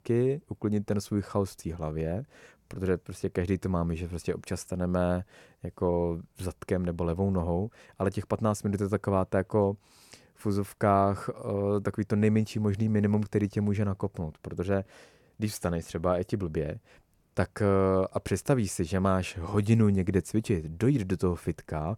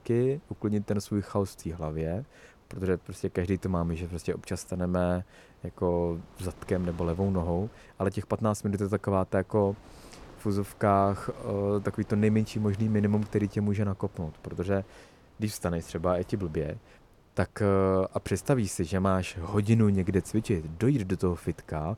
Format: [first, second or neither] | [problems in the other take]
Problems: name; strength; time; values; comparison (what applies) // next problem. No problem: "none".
first | wind noise on the microphone; occasional gusts; 25 dB below the speech